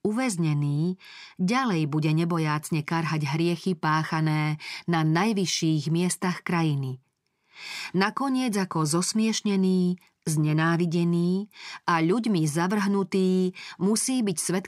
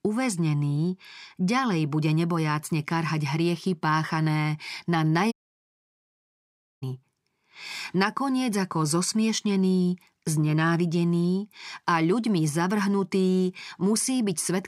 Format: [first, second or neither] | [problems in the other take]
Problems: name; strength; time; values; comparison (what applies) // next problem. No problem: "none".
first | audio cutting out; at 5.5 s for 1.5 s